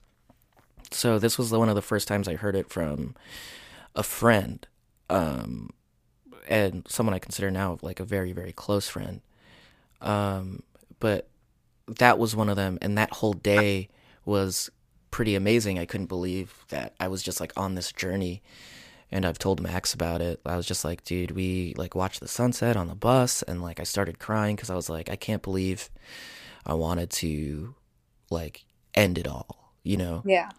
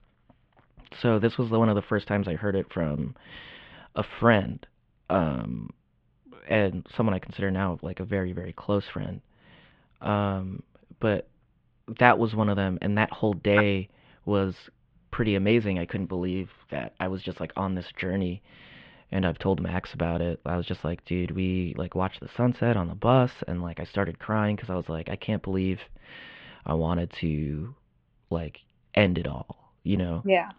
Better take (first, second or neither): first